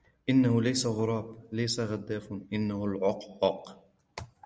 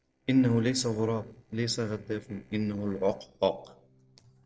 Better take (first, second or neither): first